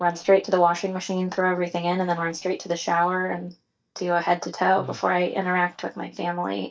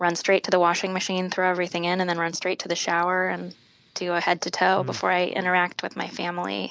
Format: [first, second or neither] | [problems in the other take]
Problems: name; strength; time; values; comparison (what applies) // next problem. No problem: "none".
second | noise reduction (neural mask model DeepFilterNet 3)